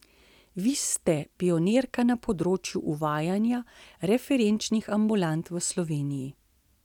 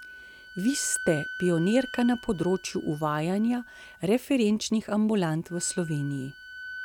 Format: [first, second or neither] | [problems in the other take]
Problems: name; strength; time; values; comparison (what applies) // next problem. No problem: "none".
first | background sound (Wind instrument, woodwind instrument); 15 dB below the speech